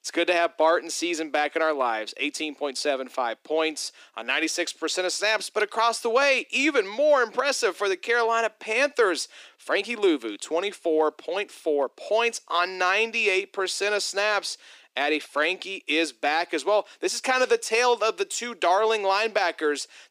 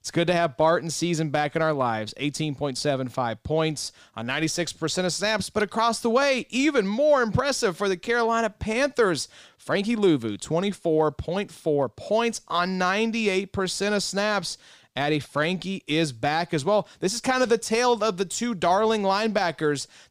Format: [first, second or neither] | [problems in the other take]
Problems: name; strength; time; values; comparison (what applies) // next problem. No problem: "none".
second | thin; somewhat; fading below 300 Hz